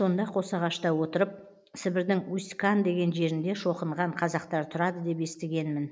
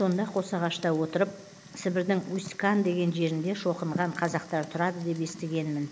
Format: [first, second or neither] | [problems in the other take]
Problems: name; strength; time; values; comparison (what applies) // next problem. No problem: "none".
first | background sound (Fire); 17 dB below the speech